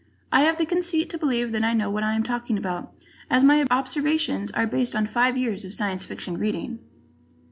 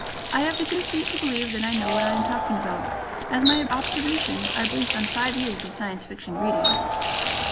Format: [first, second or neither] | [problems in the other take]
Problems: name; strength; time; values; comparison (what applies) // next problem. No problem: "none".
first | background sound (Crowd + Water tap, faucet); 1 dB above the speech